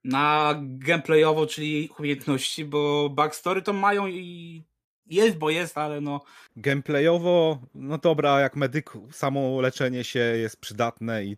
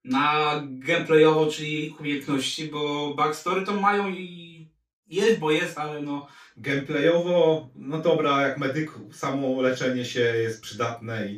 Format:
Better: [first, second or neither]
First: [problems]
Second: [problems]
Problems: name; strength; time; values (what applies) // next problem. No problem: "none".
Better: first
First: none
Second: room echo; noticeable; dies away in 0.2 s // off-mic speech; far